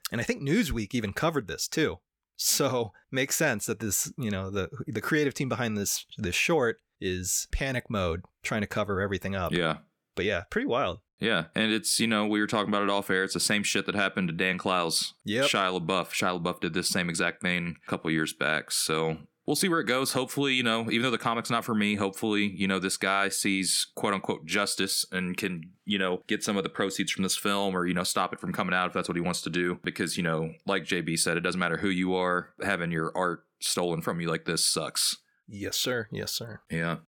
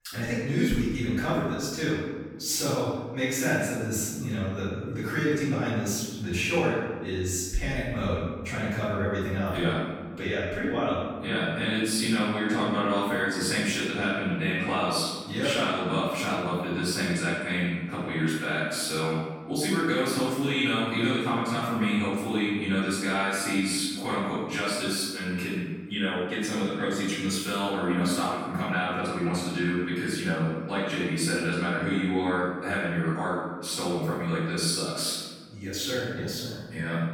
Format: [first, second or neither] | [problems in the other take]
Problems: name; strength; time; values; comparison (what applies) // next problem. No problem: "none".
first | off-mic speech; far // room echo; strong; dies away in 1.5 s